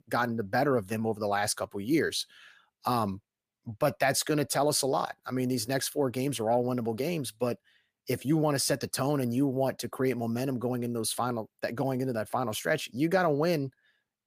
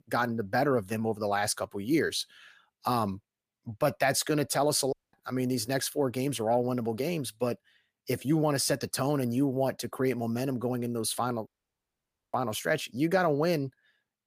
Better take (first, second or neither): first